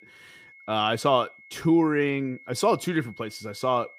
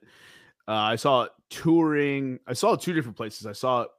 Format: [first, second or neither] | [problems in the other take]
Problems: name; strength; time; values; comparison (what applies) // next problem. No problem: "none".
second | high-pitched whine; faint; throughout; 2 kHz, 25 dB below the speech